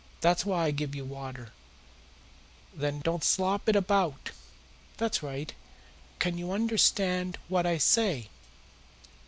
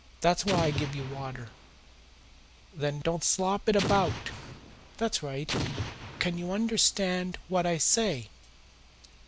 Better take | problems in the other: first | background sound (Explosion); 6 dB below the speech

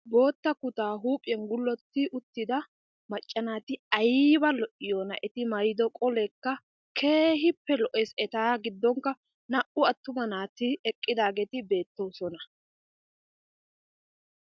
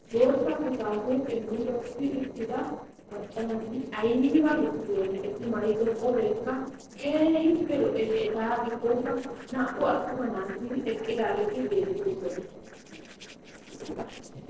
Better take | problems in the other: first | noise reduction (neural separator model SepFormer DNS4)

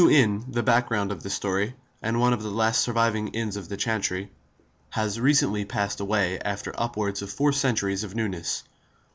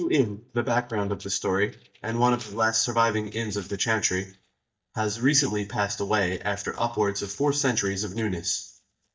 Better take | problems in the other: first | noise reduction (neural mask model DeepFilterNet 3)

